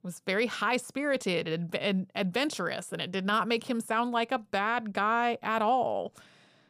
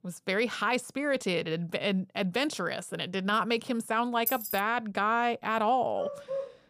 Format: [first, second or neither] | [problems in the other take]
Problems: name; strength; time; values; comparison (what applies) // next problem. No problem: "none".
first | jangling keys; noticeable; at 4.5 s; peak 2 dB below the speech // dog barking; noticeable; at 6 s; peak 6 dB below the speech